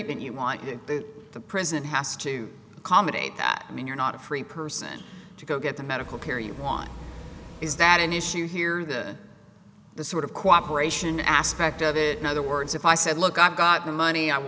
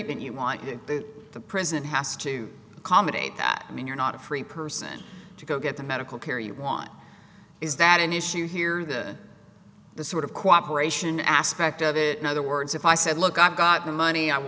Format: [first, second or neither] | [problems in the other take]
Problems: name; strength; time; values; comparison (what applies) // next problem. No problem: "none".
second | background sound (Bus); 14 dB below the speech